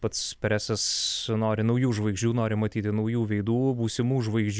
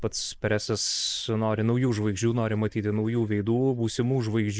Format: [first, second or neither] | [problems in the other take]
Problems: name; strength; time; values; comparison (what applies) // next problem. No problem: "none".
first | noise reduction (neural mask model Resemble Enhance denoiser)